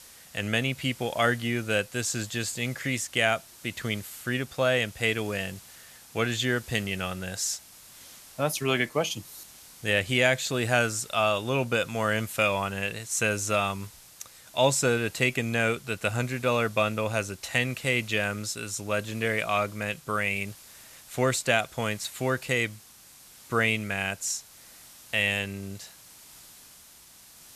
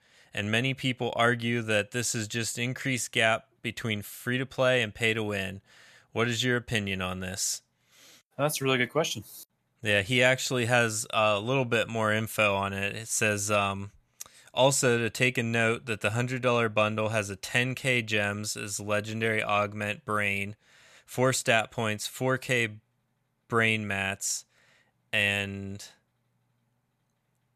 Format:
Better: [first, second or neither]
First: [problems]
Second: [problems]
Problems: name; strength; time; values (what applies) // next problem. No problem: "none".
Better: second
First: hiss; faint; throughout; 20 dB below the speech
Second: none